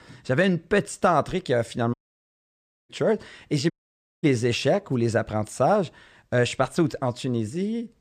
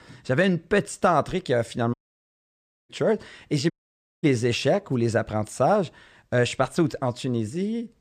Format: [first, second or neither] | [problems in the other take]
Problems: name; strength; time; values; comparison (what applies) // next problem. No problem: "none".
neither | audio cutting out; at 2 s for 1 s and at 3.5 s for 0.5 s; the same in both